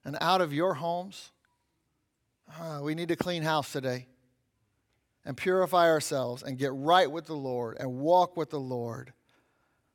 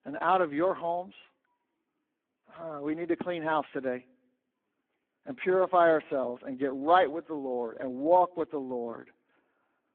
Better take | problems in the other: first | phone-call audio; poor line

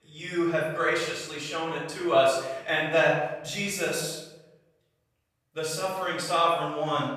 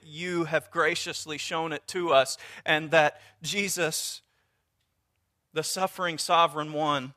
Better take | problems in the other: second | room echo; noticeable; dies away in 0.8 s // off-mic speech; far

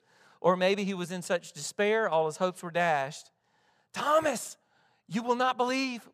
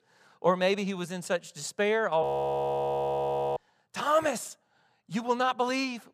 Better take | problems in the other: first | audio freezing; at 2 s for 1.5 s

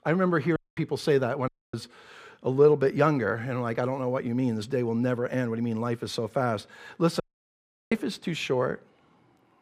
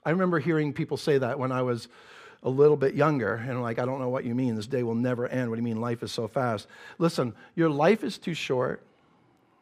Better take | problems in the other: second | audio cutting out; at 0.5 s, at 1.5 s and at 7 s for 0.5 s

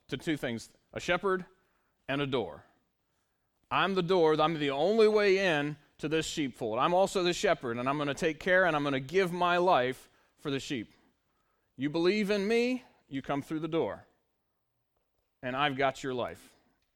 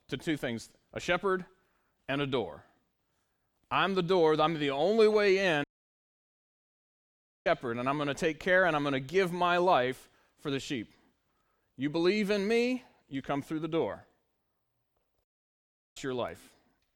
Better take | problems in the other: first | audio cutting out; at 5.5 s for 2 s and at 15 s for 0.5 s

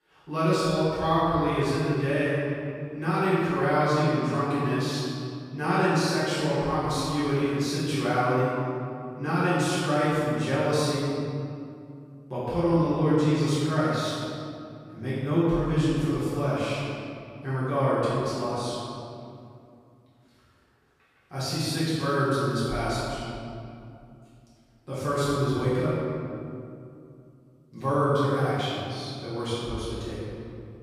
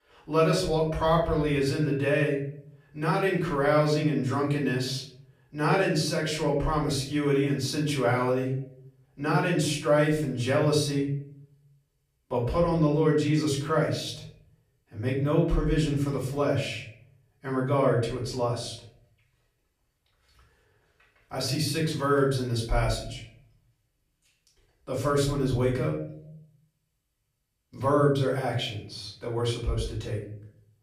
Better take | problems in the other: second | room echo; strong; dies away in 2.3 s; slight in the second // off-mic speech; far; far in the second

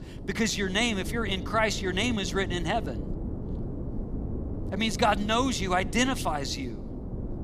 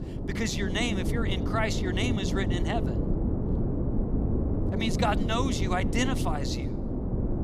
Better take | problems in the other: first | wind noise on the microphone; heavy; 5 dB below the speech; occasional gusts in the first

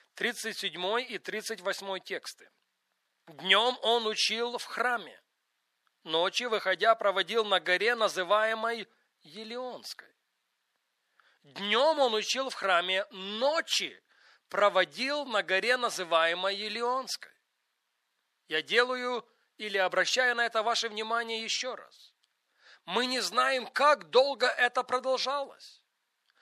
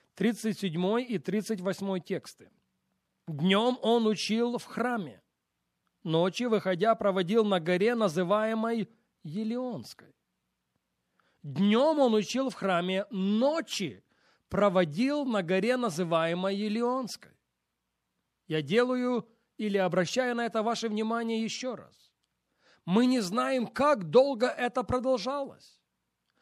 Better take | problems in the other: second | thin; very; fading below 600 Hz

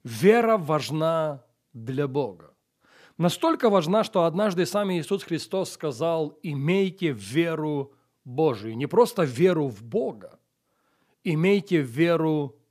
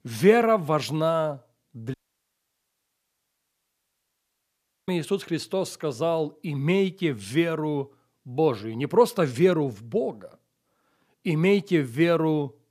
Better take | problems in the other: first | audio cutting out; at 2 s for 3 s

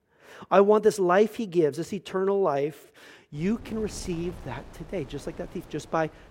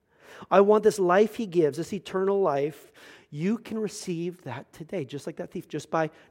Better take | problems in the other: second | wind noise on the microphone; occasional gusts; from 3.5 s on; 25 dB below the speech

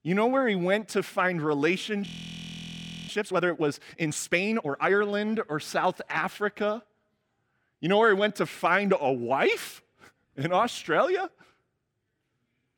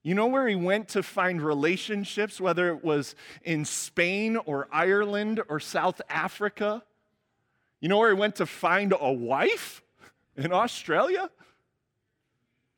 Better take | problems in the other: second | audio freezing; at 2 s for 1 s

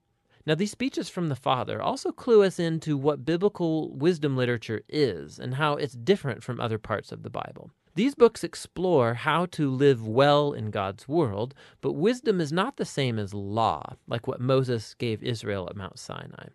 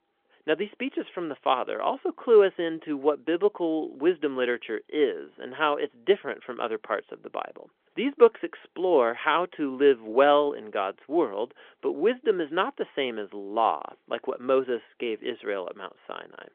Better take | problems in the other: first | phone-call audio; nothing above 3.5 kHz

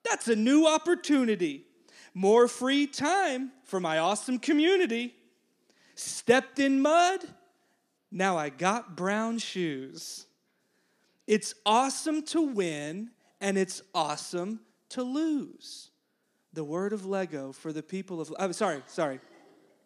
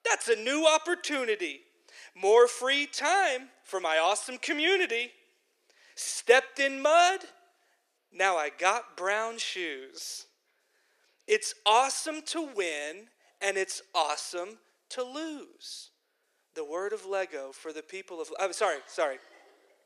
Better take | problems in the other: first | thin; very; fading below 450 Hz

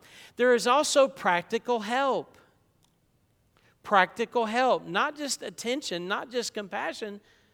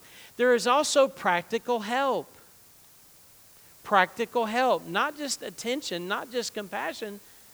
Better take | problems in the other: first | hiss; faint; throughout; 25 dB below the speech

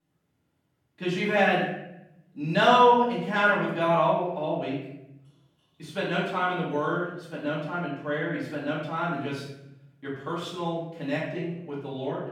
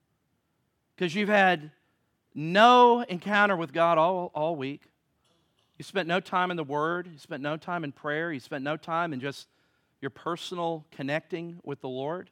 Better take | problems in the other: second | off-mic speech; far // room echo; noticeable; dies away in 0.7 s

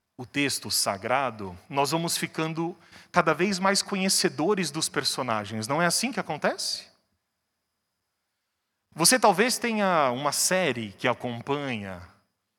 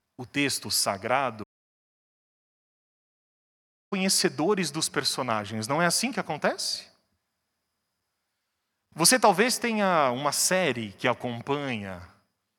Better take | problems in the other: first | audio cutting out; at 1.5 s for 2.5 s

